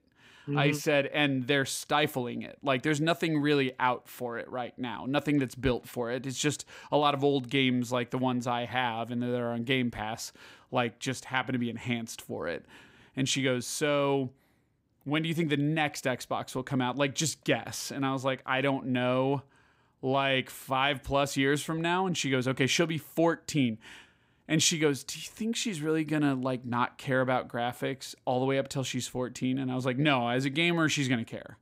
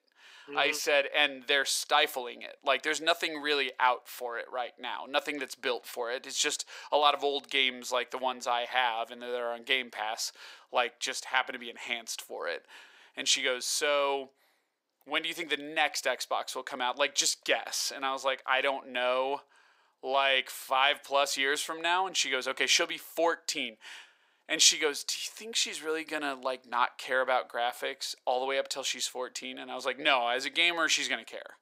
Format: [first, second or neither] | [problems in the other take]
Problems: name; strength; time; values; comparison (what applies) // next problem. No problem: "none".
first | thin; very; fading below 500 Hz